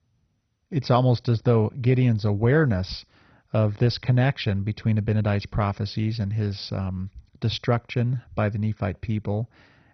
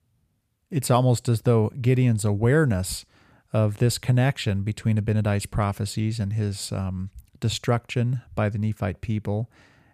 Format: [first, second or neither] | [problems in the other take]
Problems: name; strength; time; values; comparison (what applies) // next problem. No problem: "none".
second | garbled, watery; badly; nothing above 5.5 kHz